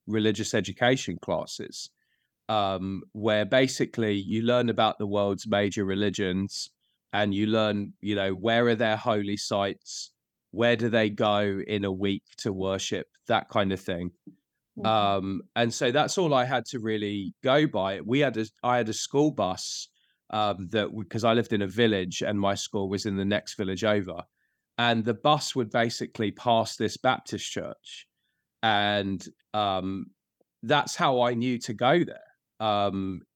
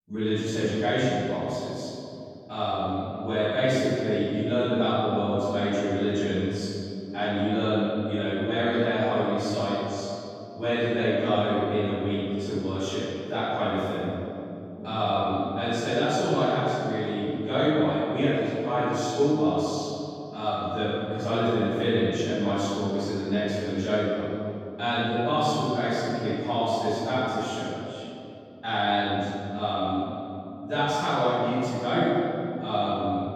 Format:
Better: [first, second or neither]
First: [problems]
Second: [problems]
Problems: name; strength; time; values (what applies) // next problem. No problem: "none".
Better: first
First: none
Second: off-mic speech; far // room echo; strong; dies away in 2.8 s